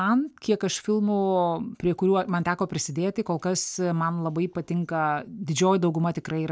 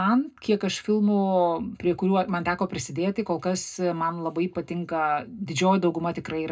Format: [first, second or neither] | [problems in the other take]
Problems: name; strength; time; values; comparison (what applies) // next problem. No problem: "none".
first | room echo; dies away in 0.2 s